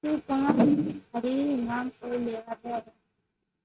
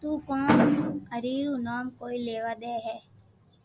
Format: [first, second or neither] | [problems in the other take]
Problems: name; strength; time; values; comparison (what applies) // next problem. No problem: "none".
second | noise reduction (neural mask model RNNoise)